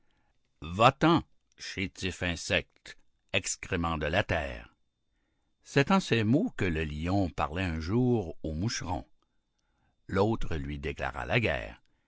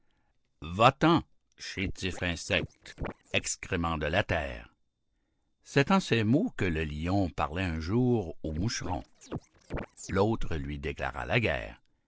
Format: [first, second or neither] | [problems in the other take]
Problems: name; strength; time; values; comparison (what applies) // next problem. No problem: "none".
first | noise reduction (neural separator model SepFormer DNS4)